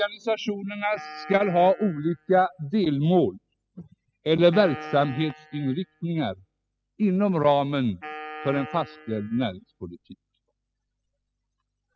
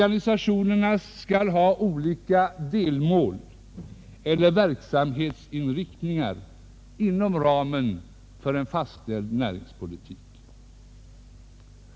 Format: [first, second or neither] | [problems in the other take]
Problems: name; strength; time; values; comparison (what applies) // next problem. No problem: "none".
second | noise reduction (classical method spectral subtraction)